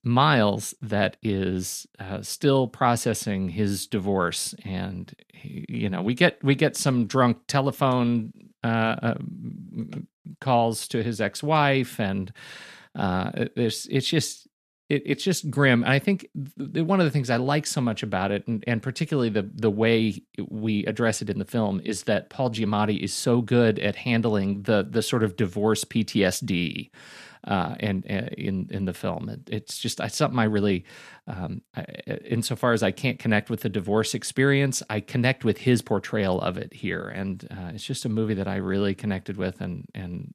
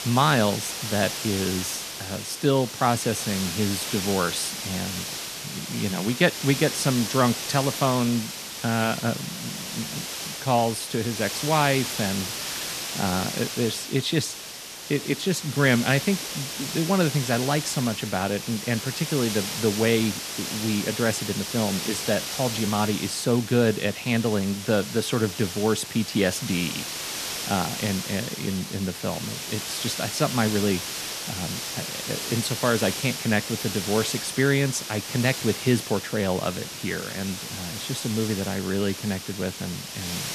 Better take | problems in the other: first | hiss; loud; throughout; 5 dB below the speech

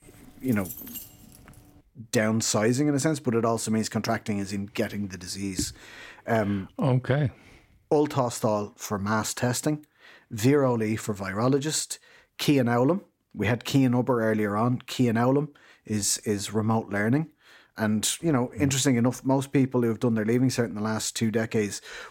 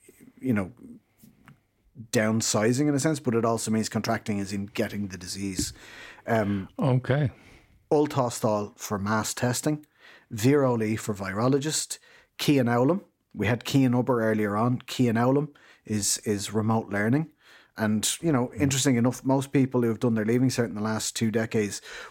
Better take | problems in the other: second | jangling keys; faint; until 2 s; peak 10 dB below the speech

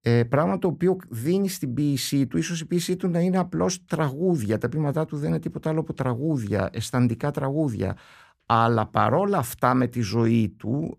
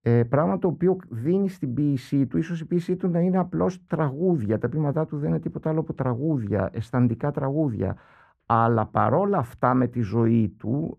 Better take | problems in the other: first | muffled; very; fading above 2.5 kHz

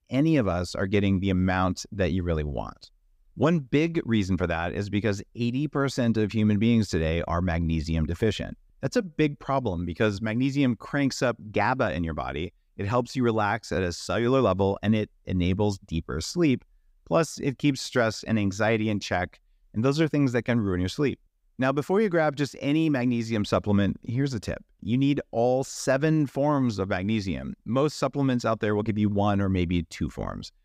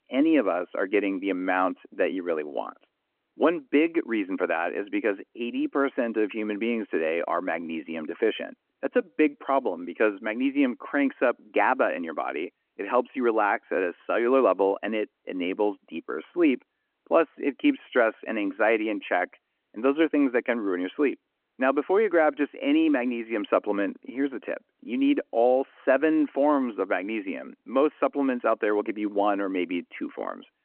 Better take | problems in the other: first | phone-call audio

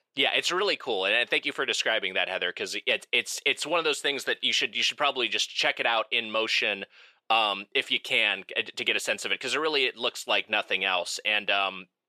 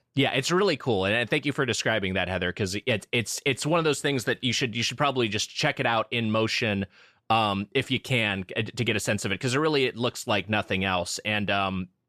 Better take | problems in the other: second | thin; somewhat; fading below 500 Hz

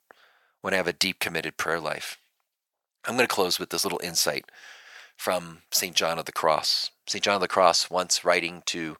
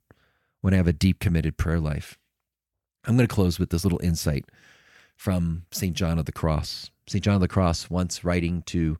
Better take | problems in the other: second | thin; very; fading below 700 Hz

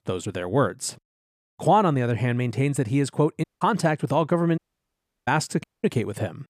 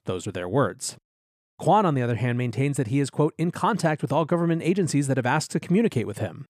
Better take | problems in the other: second | audio cutting out; at 3.5 s, at 4.5 s for 0.5 s and at 5.5 s

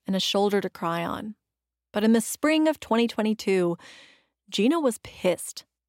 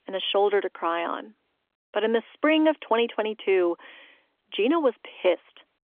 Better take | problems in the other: first | phone-call audio; nothing above 3.5 kHz

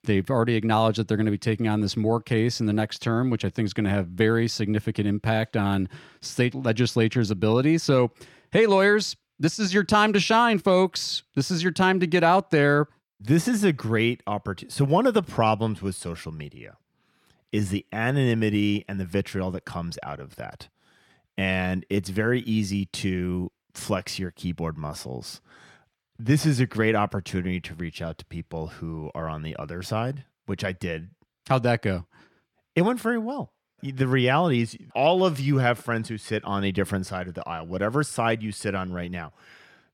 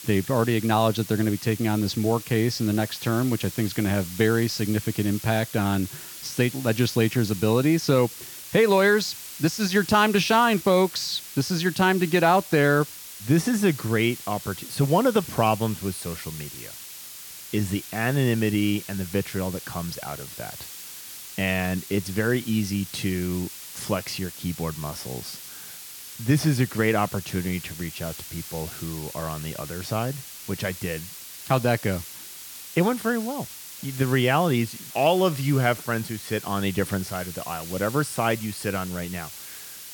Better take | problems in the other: first | hiss; noticeable; throughout; 10 dB below the speech

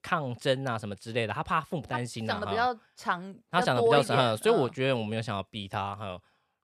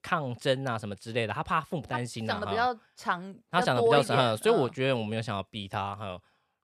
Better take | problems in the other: neither | none

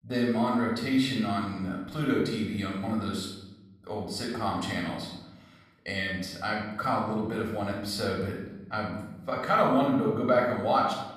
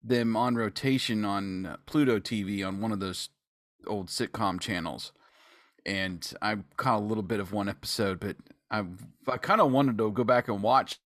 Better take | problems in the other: second | off-mic speech; somewhat distant // room echo; noticeable; dies away in 0.9 s

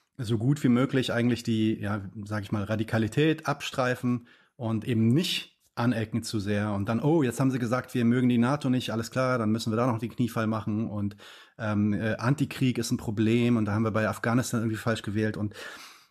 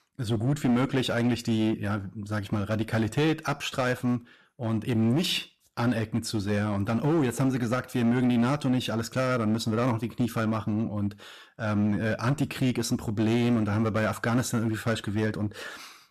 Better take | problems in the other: first | distortion; slight; 9% of the sound clipped

